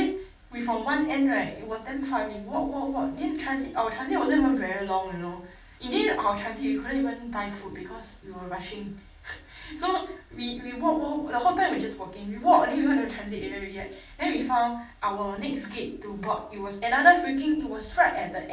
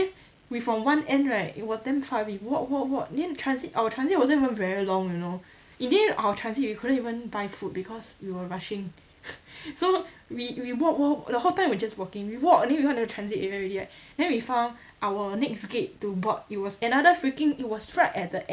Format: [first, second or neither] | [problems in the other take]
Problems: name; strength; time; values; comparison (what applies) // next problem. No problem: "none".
second | room echo; dies away in 0.4 s